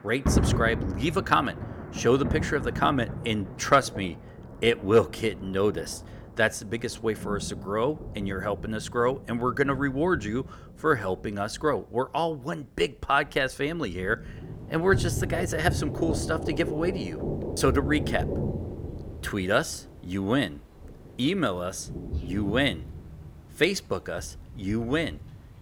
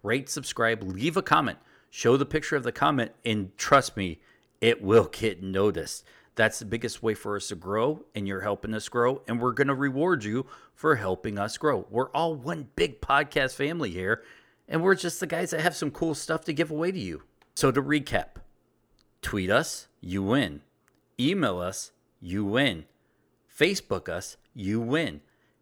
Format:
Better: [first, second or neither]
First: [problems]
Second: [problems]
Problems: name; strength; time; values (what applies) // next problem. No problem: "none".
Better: second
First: rain or running water; loud; throughout; 7 dB below the speech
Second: none